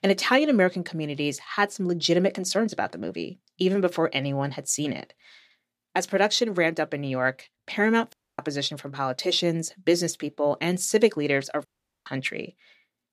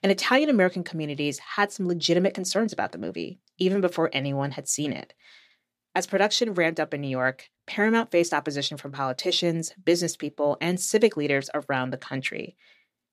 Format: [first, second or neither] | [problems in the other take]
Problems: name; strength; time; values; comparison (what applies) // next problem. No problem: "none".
second | audio cutting out; at 8 s and at 12 s